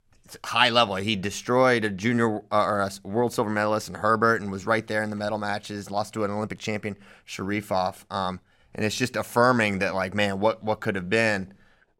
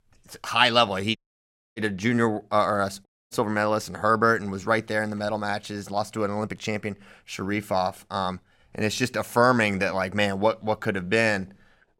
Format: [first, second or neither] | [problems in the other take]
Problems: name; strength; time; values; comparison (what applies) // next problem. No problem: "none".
first | audio cutting out; at 1 s for 0.5 s and at 3 s